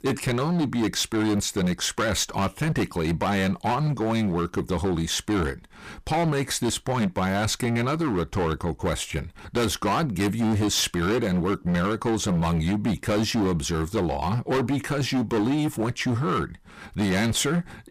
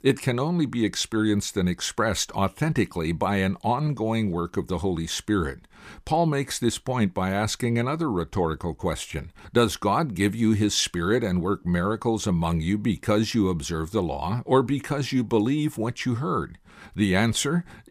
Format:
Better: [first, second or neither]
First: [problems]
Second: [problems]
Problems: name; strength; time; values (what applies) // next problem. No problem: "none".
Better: second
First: distortion; heavy; 20% of the sound clipped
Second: none